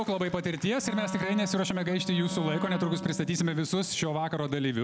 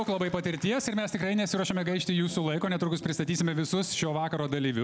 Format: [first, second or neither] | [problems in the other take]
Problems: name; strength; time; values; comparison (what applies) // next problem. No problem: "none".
second | background sound (Wind instrument, woodwind instrument); 9 dB below the speech